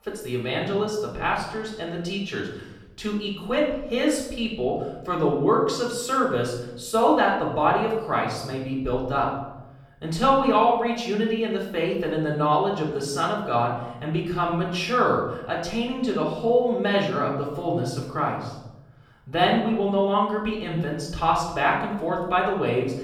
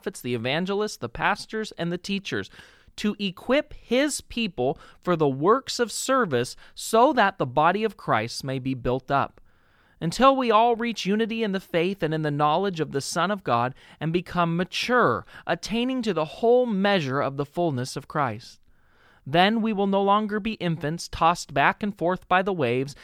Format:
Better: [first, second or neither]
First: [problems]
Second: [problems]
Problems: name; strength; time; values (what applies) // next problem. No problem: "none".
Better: second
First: off-mic speech; far // room echo; noticeable; dies away in 0.8 s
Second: none